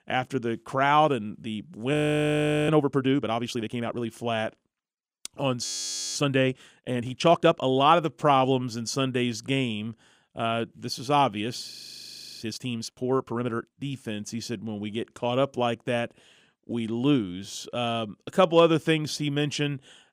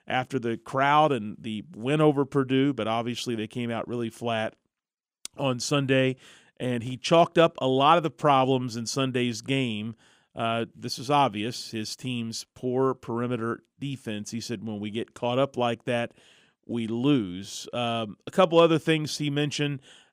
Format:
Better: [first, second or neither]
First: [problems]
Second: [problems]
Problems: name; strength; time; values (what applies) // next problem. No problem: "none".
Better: second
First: audio freezing; at 2 s for 0.5 s, at 5.5 s for 0.5 s and at 12 s for 0.5 s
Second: none